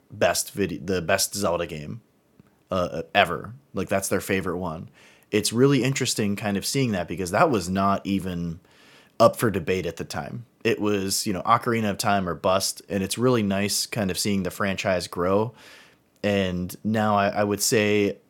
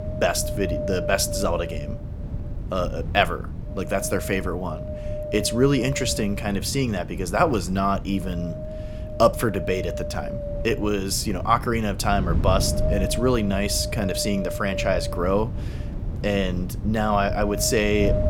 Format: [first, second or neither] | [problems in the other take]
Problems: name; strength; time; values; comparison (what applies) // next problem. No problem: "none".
first | wind noise on the microphone; heavy; 9 dB below the speech